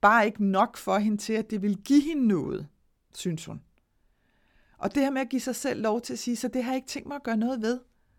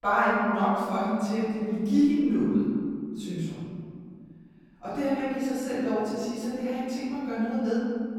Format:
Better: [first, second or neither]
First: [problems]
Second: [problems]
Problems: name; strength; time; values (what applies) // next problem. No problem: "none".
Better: first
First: none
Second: off-mic speech; far // room echo; strong; dies away in 2.2 s